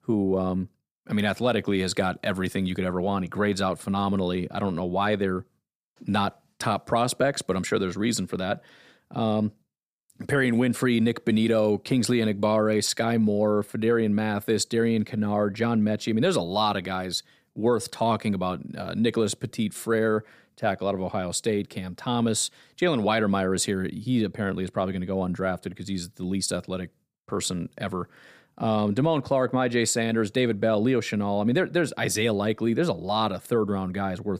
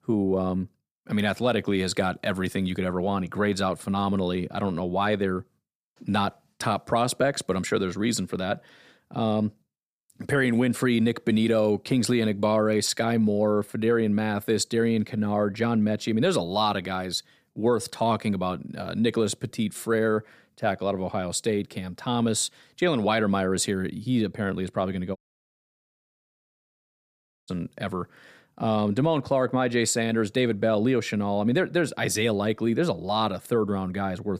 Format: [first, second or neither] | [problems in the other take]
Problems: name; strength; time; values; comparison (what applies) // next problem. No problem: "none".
first | audio cutting out; at 25 s for 2.5 s